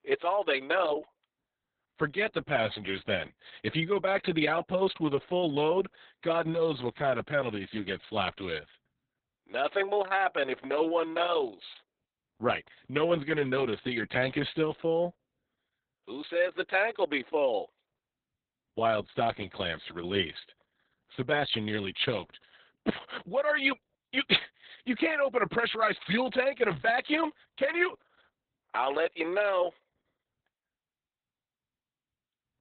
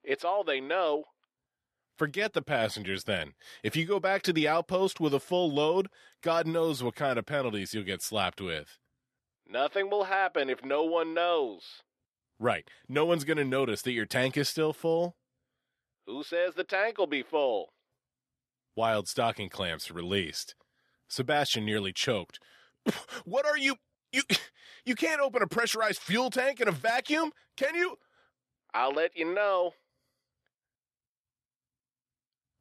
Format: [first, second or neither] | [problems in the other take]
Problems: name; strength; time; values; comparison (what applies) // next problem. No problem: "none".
second | garbled, watery; badly; nothing above 4 kHz